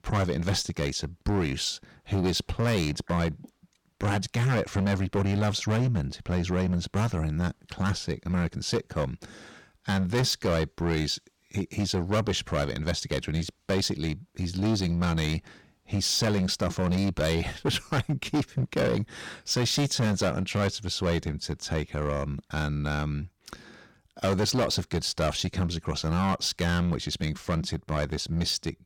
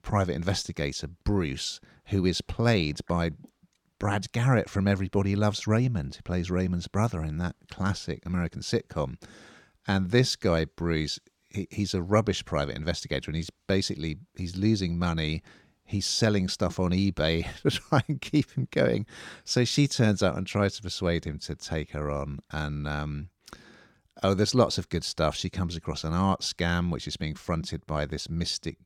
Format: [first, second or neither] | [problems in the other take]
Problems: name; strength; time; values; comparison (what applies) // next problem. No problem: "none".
second | distortion; heavy; 12% of the sound clipped